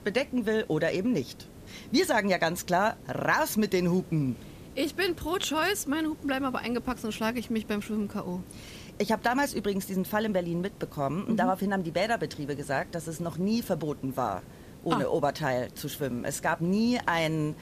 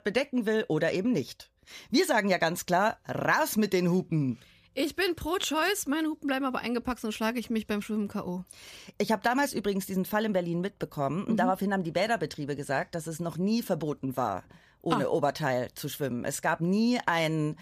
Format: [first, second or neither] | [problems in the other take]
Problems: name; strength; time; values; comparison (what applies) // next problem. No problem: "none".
second | hiss; noticeable; throughout; 20 dB below the speech